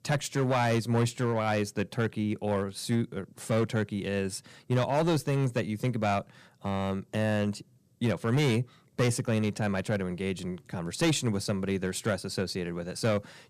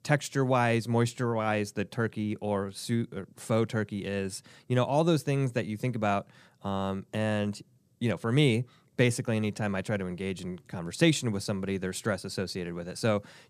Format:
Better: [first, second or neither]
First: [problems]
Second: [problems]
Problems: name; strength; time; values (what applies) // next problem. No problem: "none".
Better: second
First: distortion; slight; 5% of the sound clipped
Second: none